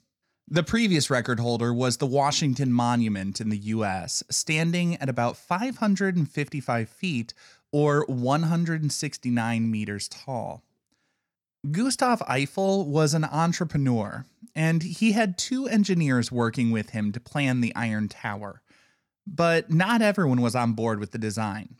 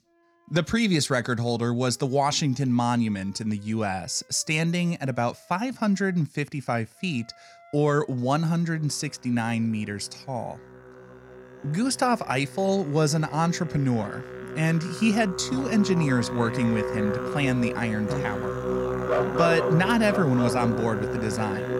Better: first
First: none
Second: background music; loud; throughout; 5 dB below the speech

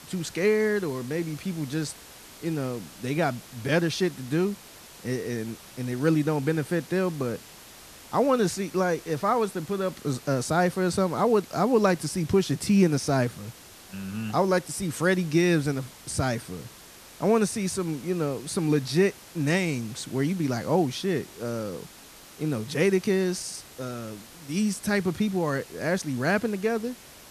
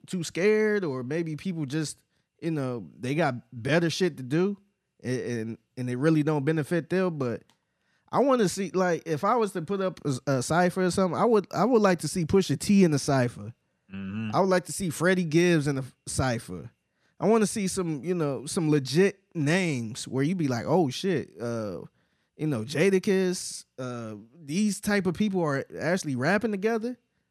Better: second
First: hiss; noticeable; throughout; 20 dB below the speech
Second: none

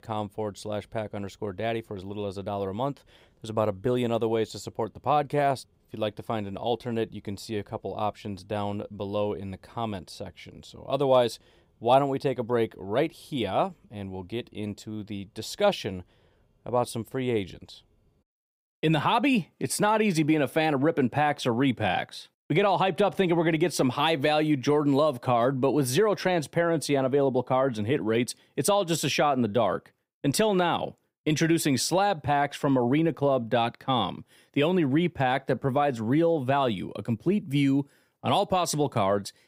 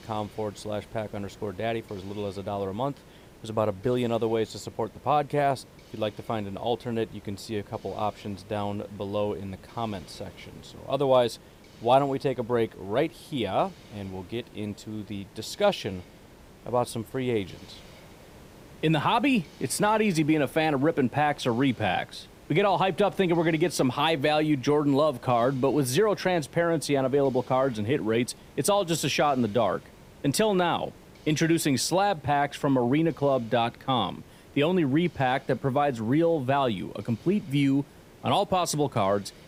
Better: first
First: none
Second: hiss; faint; throughout; 25 dB below the speech

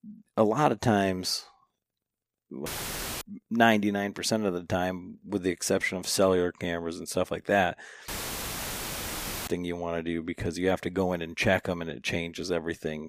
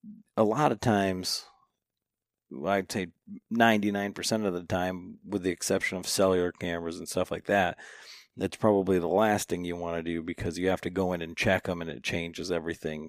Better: second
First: audio cutting out; filled with static; at 2.5 s for 0.5 s and at 8 s for 1.5 s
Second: none

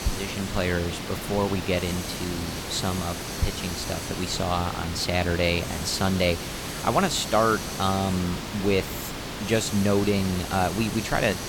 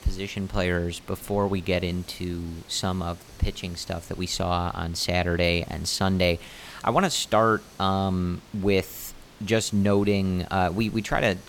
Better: second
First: hiss; loud; throughout; 6 dB below the speech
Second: hiss; faint; throughout; 25 dB below the speech

